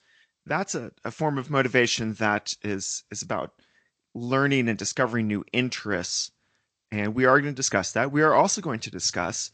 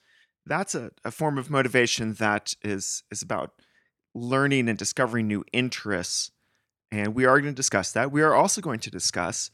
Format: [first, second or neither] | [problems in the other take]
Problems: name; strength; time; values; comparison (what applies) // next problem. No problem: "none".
second | garbled, watery; slightly; nothing above 7.5 kHz